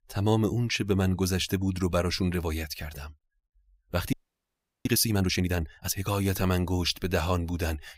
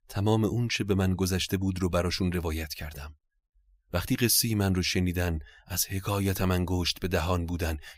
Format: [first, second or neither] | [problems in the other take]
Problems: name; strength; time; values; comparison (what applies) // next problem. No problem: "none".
second | audio freezing; at 4 s for 0.5 s